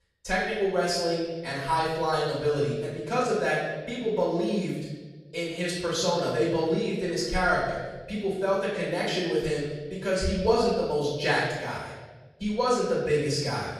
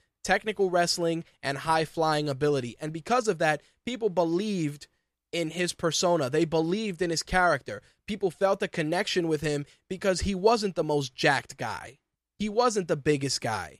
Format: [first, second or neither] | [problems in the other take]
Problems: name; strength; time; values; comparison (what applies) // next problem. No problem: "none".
second | off-mic speech; far // room echo; noticeable; dies away in 1.2 s